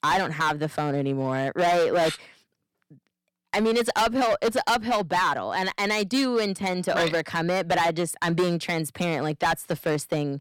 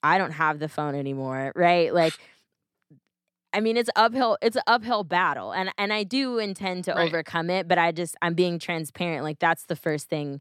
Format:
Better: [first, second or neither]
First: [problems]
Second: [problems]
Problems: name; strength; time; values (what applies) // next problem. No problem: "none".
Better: second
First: distortion; heavy; 11% of the sound clipped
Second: none